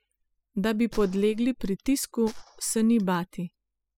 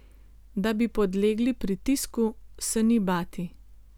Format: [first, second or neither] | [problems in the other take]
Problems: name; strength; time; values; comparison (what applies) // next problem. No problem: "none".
second | noise reduction (classical method spectral subtraction)